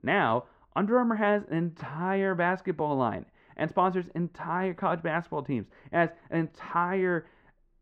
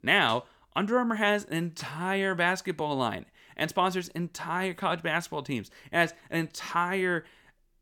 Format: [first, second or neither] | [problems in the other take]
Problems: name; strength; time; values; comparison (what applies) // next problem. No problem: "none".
second | muffled; very; fading above 4 kHz